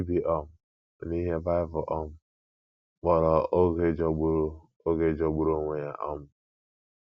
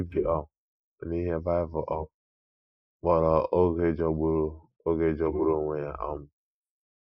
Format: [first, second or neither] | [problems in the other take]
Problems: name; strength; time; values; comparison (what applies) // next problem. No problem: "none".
first | noise reduction (neural mask model Resemble Enhance denoiser)